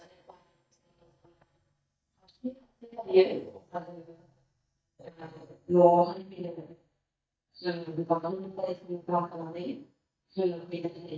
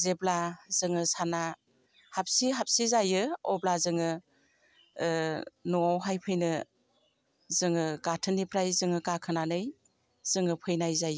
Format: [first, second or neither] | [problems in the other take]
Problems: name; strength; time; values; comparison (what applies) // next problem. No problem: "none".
second | noise reduction (neural mask model DeepFilterNet 3)